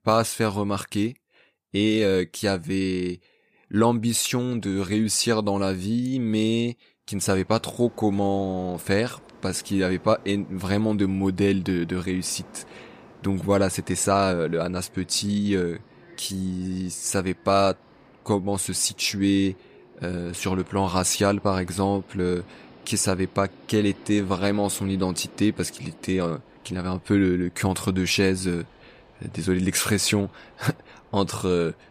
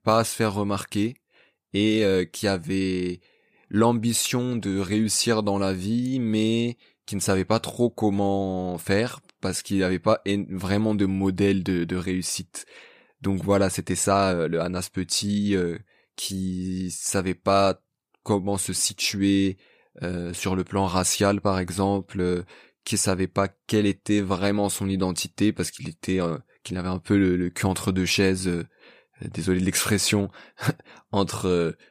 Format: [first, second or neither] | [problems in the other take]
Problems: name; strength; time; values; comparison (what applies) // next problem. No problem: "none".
second | train or aircraft noise; faint; from 7.5 s on; 25 dB below the speech